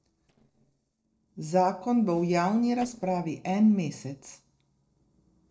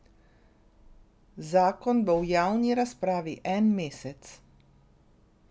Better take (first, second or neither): second